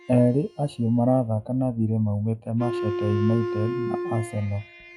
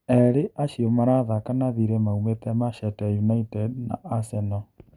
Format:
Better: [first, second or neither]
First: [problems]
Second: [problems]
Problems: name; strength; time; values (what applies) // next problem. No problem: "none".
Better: second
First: noise reduction (classical method log-MMSE)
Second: none